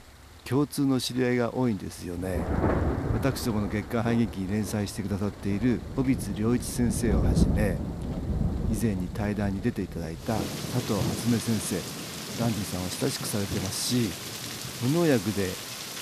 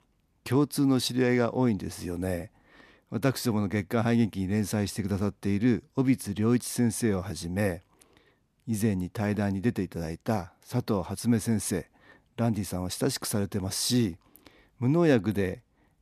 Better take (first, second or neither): second